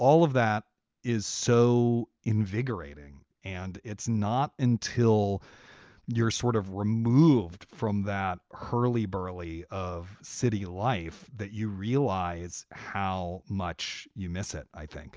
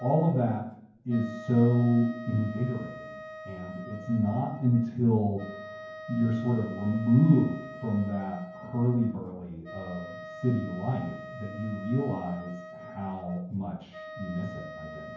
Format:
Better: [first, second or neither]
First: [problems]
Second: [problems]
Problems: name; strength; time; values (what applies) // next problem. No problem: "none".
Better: first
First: none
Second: background sound (Wind instrument, woodwind instrument); 15 dB below the speech // room echo; dies away in 0.9 s